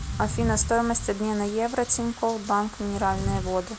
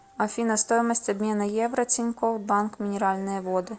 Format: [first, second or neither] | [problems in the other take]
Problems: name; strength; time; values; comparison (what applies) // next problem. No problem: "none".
second | background sound (Wind / Rain); 7 dB below the speech